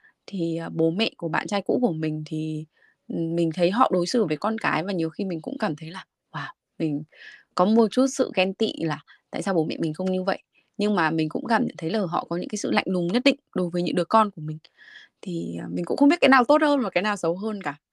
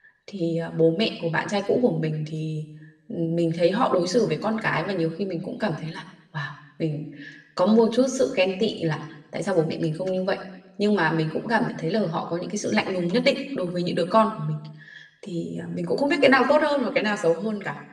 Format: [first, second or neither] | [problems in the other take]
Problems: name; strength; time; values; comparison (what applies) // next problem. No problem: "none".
first | room echo; slight; dies away in 0.7 s // off-mic speech; somewhat distant